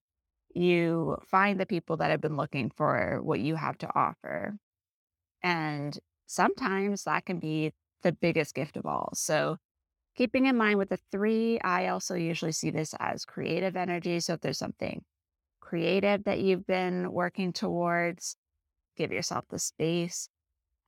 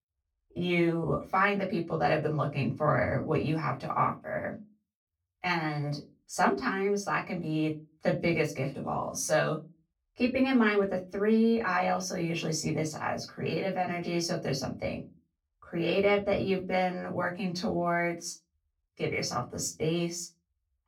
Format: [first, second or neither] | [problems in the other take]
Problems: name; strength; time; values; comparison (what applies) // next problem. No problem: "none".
first | off-mic speech; far // room echo; very slight; dies away in 0.2 s